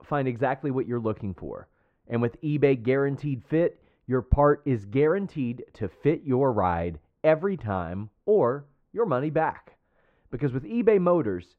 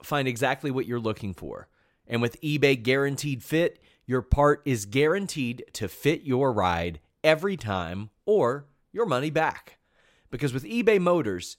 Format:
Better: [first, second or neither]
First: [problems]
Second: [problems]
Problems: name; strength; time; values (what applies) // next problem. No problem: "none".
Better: second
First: muffled; very; fading above 4 kHz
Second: none